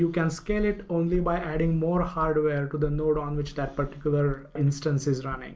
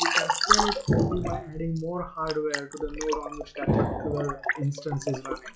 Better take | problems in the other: first | noise reduction (classical method log-MMSE)

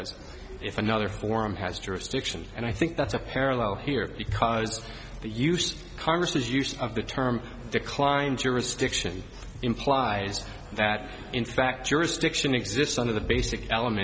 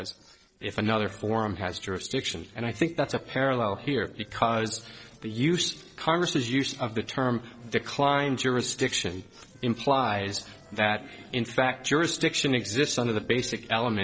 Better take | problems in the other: first | noise reduction (neural separator model SepFormer DNS4)

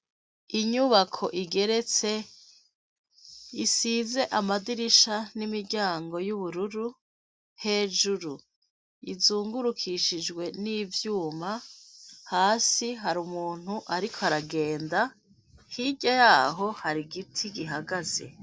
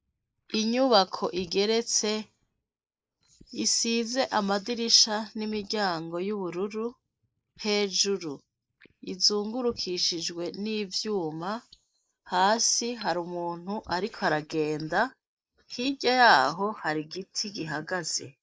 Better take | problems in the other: first | noise reduction (neural mask model Resemble Enhance denoiser)

